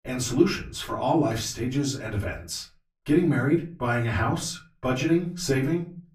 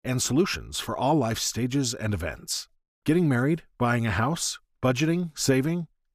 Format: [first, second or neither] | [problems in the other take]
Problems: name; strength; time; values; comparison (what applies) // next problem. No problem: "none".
second | off-mic speech; far // room echo; very slight; dies away in 0.3 s